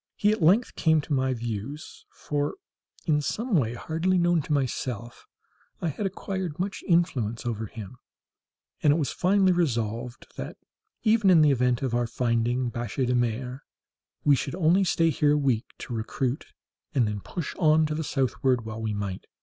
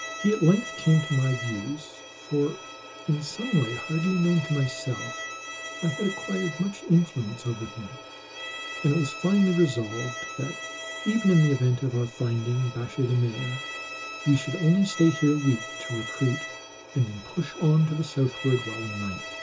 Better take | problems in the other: first | background sound (Bowed string instrument); 12 dB below the speech // room echo; dies away in 0.2 s

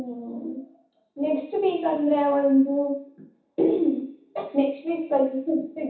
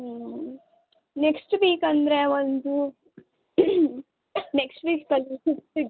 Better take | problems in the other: second | room echo; dies away in 0.7 s

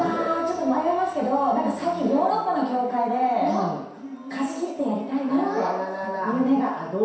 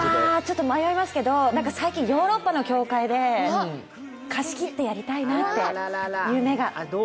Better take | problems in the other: second | room echo; dies away in 0.7 s

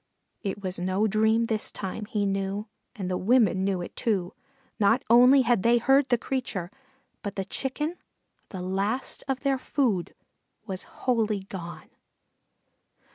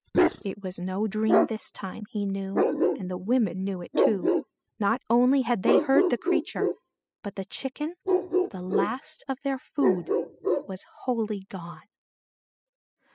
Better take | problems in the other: first | noise reduction (classical method spectral subtraction)

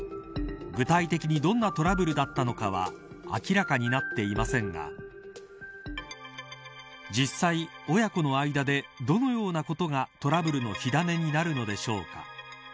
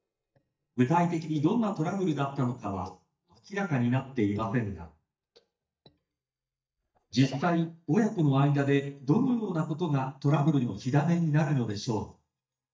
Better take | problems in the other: first | noise reduction (neural mask model DeepFilterNet 3)

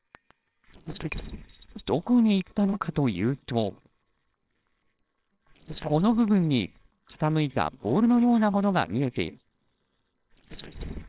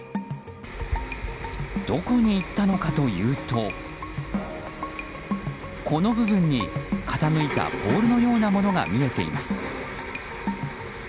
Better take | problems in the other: second | noise reduction (neural separator model SepFormer WHAMR!)

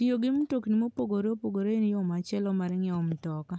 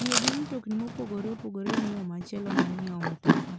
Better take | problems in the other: first | background sound (Chewing, mastication); 3 dB above the speech

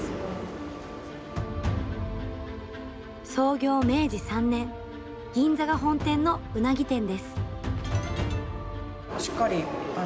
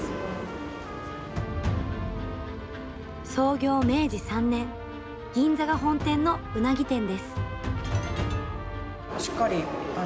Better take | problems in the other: first | background sound (Trumpet + Motorcycle); 14 dB below the speech

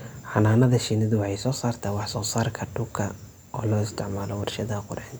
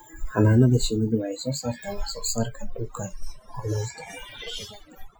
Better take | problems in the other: first | noise reduction (classical method Wiener filter)

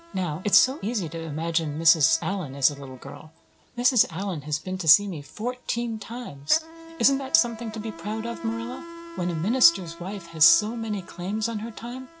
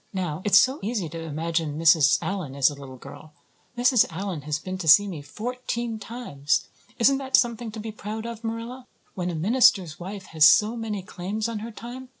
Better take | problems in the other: second | background sound (Insect); 18 dB below the speech

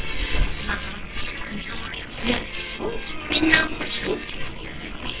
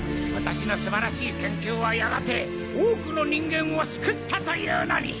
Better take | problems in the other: second | noise reduction (neural separator model SepFormer WHAMR!)

